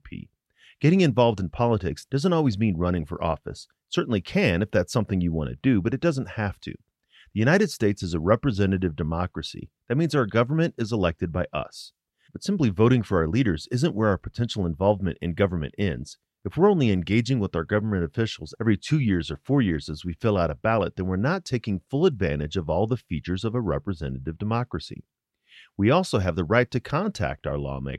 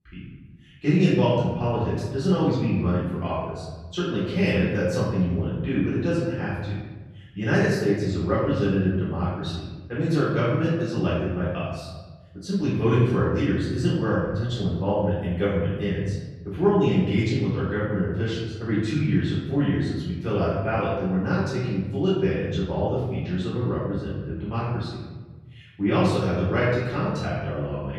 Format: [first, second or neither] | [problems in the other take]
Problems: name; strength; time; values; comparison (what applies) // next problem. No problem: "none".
first | off-mic speech; far // room echo; noticeable; dies away in 1.2 s